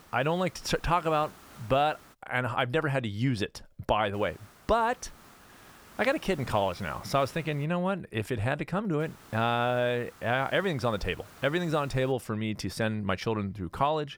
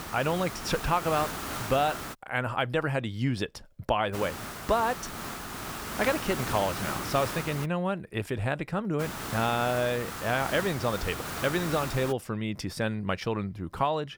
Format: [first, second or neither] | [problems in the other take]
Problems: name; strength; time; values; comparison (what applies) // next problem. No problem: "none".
first | hiss; loud; until 2 s, from 4 to 7.5 s and from 9 to 12 s; 6 dB below the speech; faint in the first